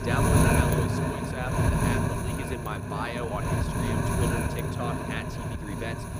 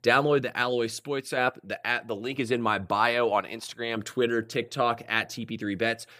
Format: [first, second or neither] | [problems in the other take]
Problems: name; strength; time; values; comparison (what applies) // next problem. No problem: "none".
second | wind noise on the microphone; heavy; 5 dB above the speech